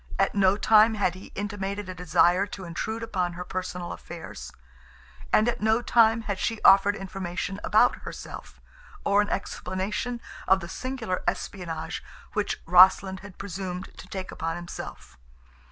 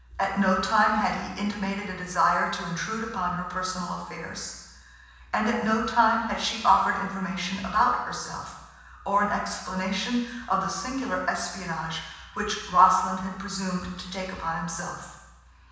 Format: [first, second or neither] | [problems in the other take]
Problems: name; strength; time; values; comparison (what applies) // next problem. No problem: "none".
first | room echo; dies away in 1.1 s